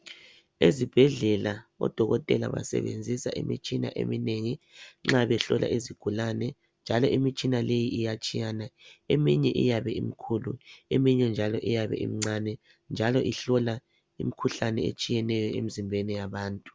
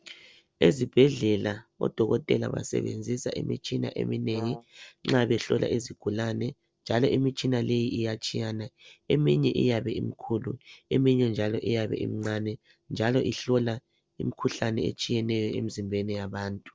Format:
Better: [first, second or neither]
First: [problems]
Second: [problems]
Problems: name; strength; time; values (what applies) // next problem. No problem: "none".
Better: first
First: none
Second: noise reduction (neural separator model SepFormer DNS4)